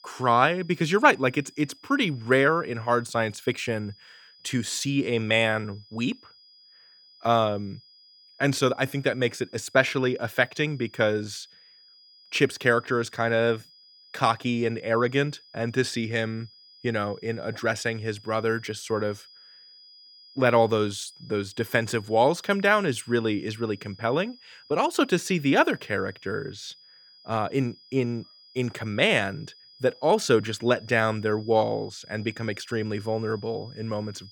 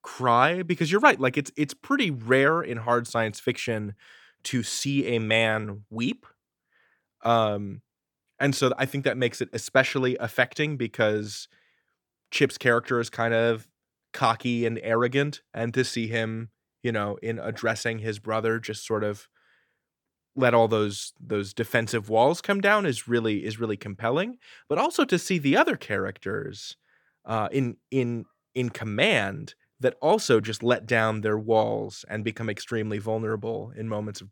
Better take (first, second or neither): second